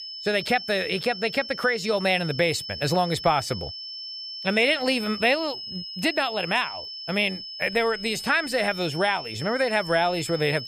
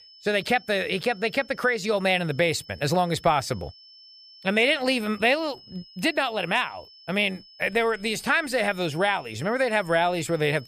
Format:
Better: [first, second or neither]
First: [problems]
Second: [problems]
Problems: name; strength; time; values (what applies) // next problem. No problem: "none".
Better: second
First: high-pitched whine; loud; throughout; 5.5 kHz, 9 dB below the speech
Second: high-pitched whine; faint; throughout; 5.5 kHz, 25 dB below the speech